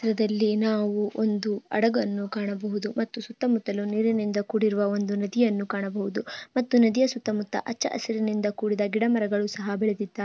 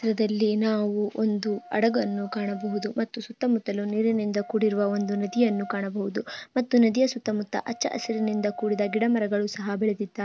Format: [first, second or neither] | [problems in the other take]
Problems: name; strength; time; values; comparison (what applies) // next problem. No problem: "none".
first | background sound (Wind instrument, woodwind instrument); 19 dB below the speech